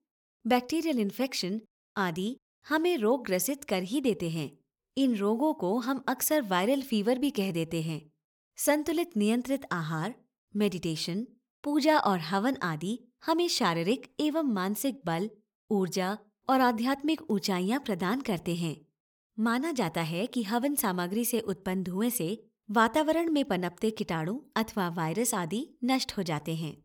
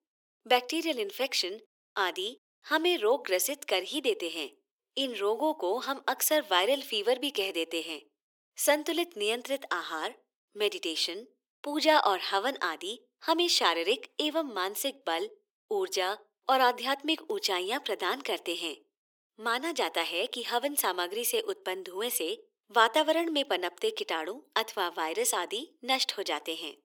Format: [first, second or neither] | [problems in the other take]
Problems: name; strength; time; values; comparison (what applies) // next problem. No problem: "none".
first | thin; very; fading below 350 Hz